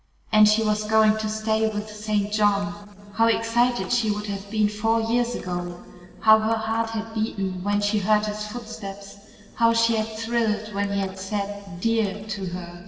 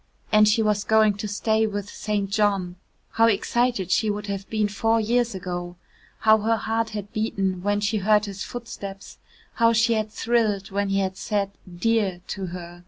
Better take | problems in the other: second | noise reduction (neural separator model SepFormer DNS4)

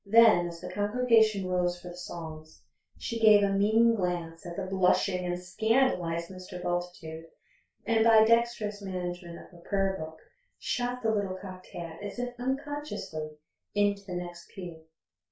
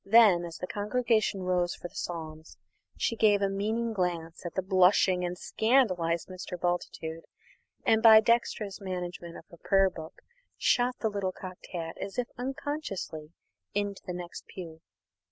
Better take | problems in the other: second | room echo; dies away in 0.2 s

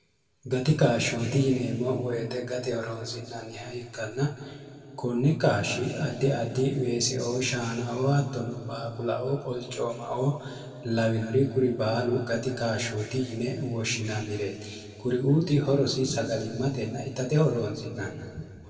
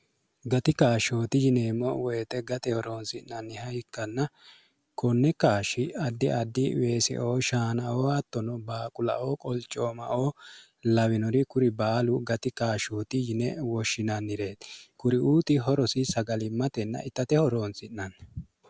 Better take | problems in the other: second | room echo; dies away in 2.2 s

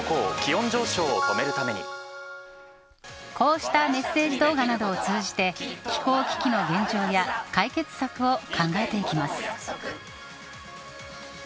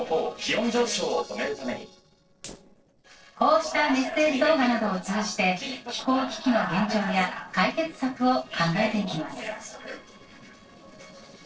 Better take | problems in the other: first | noise reduction (neural separator model SepFormer DNS4)

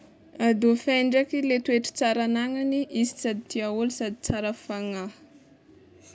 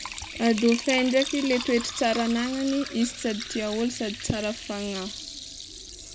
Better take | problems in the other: first | background sound (Liquid); 10 dB below the speech

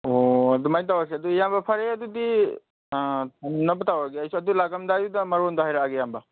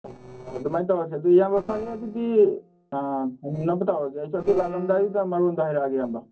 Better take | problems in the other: first | noise reduction (neural separator model SepFormer DNS4)

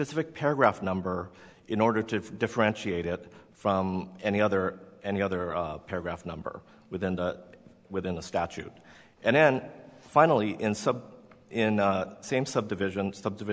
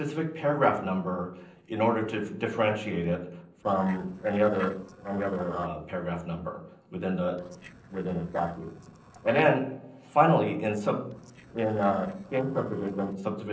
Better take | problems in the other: first | noise reduction (neural separator model SepFormer DNS4)

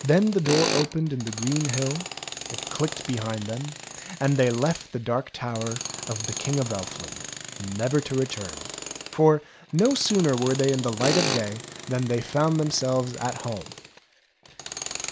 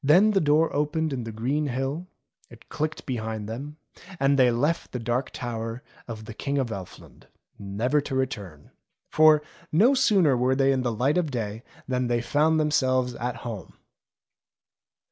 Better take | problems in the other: second | background sound (Tools + Tools); 8 dB below the speech

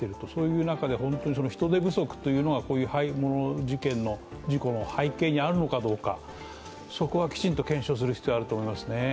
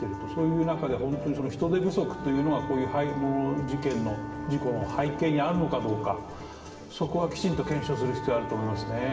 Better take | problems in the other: first | background sound (Wind instrument, woodwind instrument); 12 dB below the speech // room echo; dies away in 2.4 s

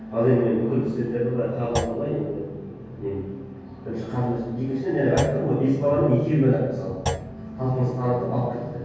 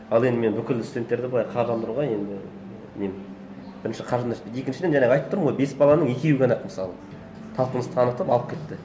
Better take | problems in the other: second | background sound (Thump, thud); 11 dB below the speech // room echo; dies away in 1.3 s

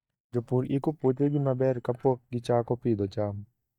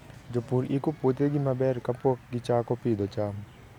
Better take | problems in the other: second | noise reduction (neural mask model DeepFilterNet 3)

